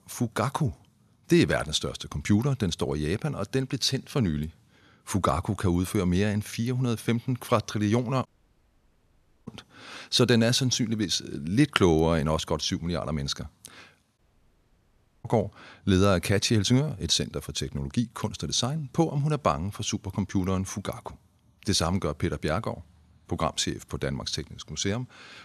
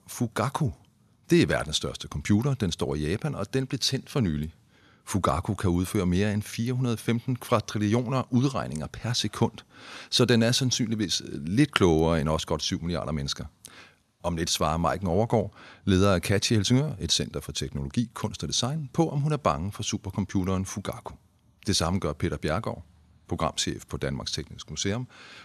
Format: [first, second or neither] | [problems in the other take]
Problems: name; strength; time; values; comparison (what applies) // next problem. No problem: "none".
second | audio cutting out; at 8.5 s for 1 s and at 14 s for 1 s